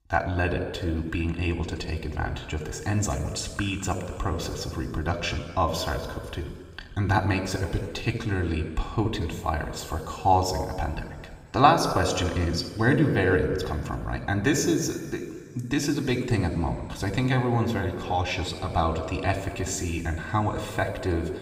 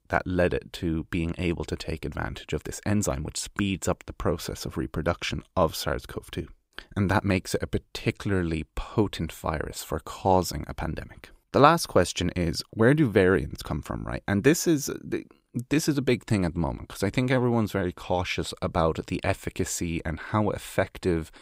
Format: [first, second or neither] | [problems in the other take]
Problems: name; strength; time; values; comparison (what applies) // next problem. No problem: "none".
second | room echo; noticeable; dies away in 2 s // off-mic speech; somewhat distant